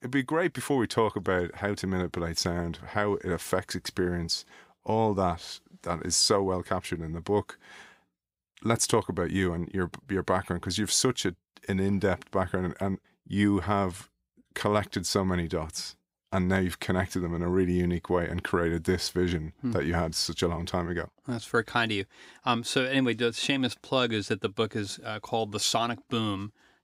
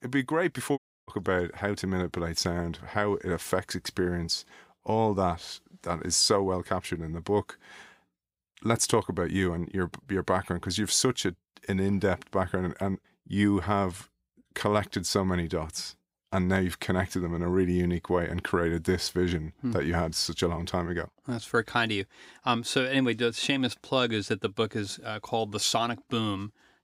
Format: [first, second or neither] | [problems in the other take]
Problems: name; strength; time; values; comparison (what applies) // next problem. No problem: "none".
first | audio cutting out; at 1 s